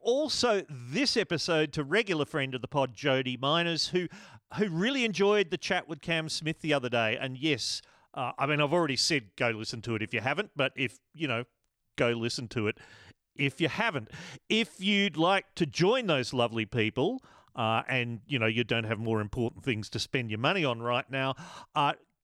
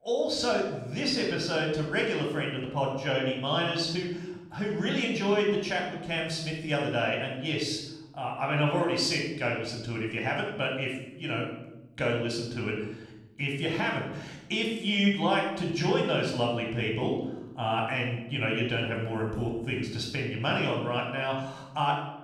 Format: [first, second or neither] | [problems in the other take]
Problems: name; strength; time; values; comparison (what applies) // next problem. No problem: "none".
first | room echo; noticeable; dies away in 0.8 s // off-mic speech; somewhat distant